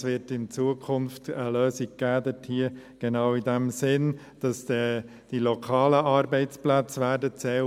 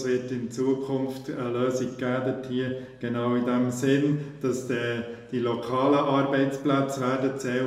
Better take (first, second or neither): first